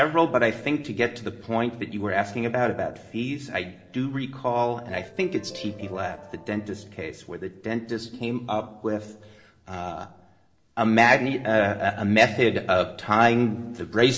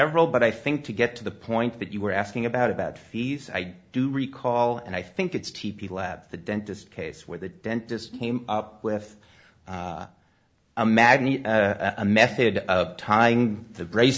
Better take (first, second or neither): second